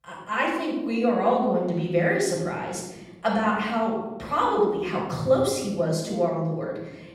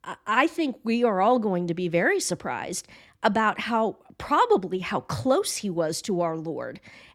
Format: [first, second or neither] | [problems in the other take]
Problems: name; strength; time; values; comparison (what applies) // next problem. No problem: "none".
second | off-mic speech; far // room echo; noticeable; dies away in 1.1 s